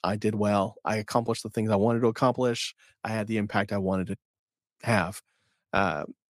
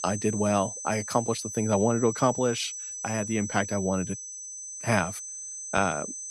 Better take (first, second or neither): first